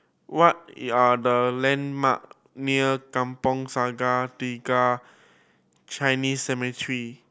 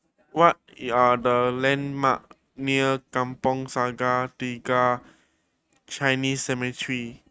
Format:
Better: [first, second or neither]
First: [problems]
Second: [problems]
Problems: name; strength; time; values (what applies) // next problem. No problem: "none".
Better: first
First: none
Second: noise reduction (neural mask model RNNoise)